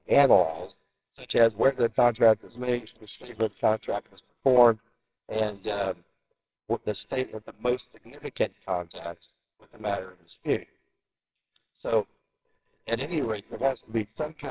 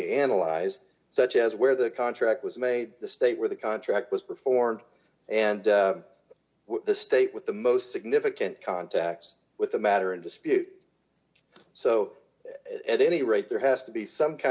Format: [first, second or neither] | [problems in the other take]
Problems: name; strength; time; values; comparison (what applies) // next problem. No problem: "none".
second | noise reduction (neural separator model SepFormer WHAMR!)